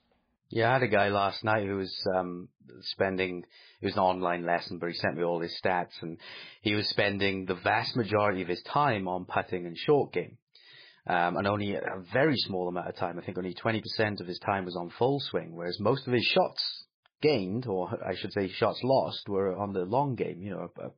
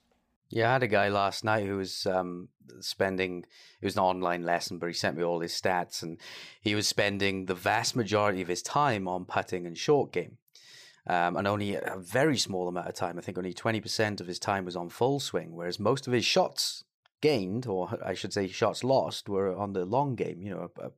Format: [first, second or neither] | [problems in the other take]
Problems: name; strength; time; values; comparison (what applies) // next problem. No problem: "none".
second | garbled, watery; badly